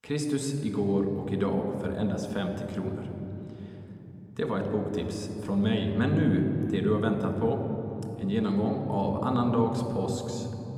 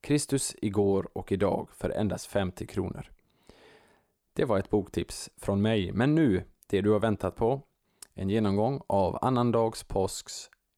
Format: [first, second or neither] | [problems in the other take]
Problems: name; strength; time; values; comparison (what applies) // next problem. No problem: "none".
second | room echo; noticeable; dies away in 3 s